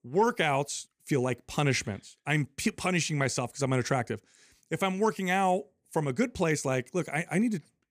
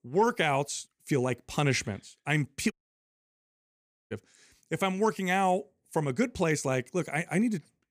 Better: first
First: none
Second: audio cutting out; at 2.5 s for 1.5 s

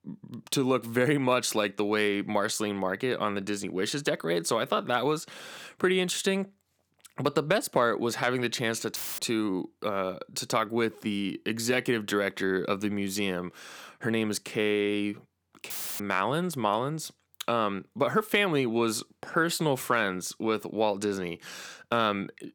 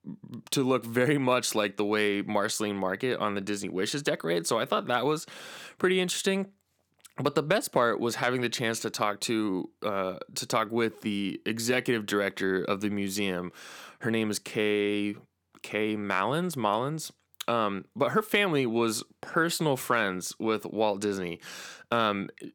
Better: second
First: audio cutting out; filled with static; at 9 s and at 16 s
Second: none

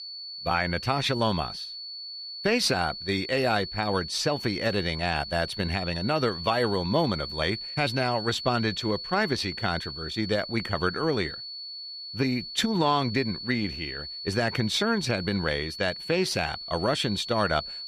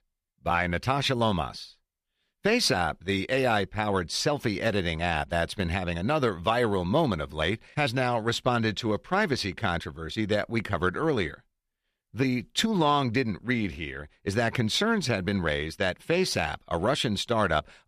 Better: second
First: high-pitched whine; loud; throughout; 4.5 kHz, 8 dB below the speech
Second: none

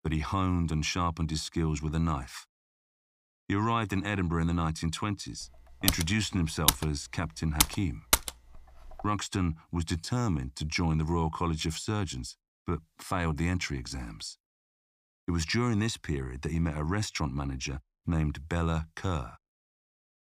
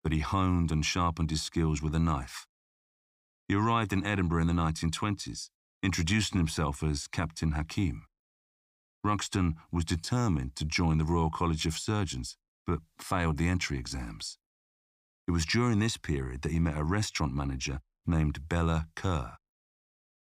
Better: second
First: keyboard typing; loud; from 6 to 8.5 s; peak 5 dB above the speech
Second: none

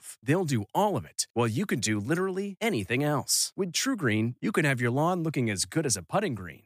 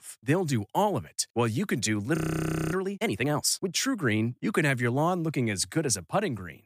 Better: first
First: none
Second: audio freezing; at 2 s for 0.5 s

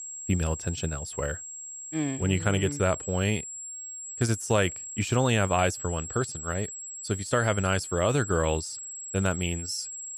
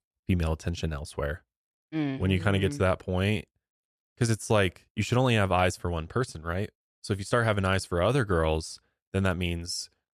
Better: second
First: high-pitched whine; loud; throughout; 7.5 kHz, 8 dB below the speech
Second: none

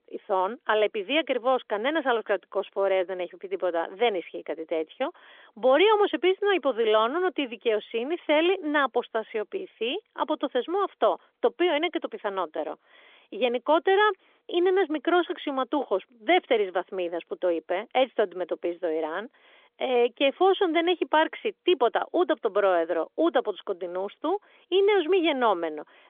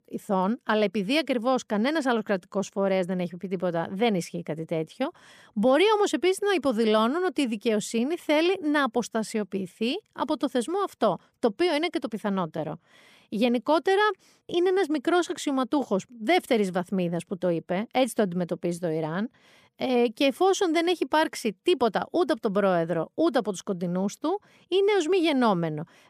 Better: second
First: phone-call audio; nothing above 3.5 kHz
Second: none

